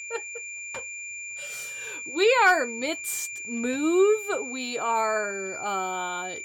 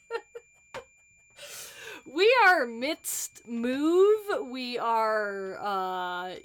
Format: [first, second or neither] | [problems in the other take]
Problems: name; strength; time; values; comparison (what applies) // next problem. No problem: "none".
second | high-pitched whine; loud; throughout; 2.5 kHz, 9 dB below the speech; faint in the second